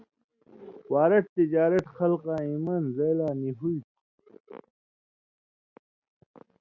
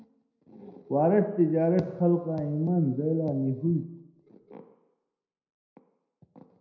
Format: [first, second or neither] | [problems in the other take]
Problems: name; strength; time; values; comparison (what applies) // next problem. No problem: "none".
first | room echo; dies away in 0.8 s